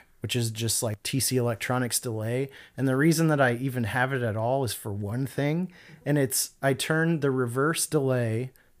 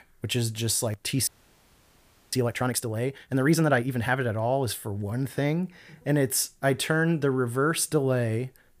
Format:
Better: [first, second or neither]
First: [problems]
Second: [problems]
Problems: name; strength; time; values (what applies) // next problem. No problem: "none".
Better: first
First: none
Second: audio freezing; at 1.5 s for 1 s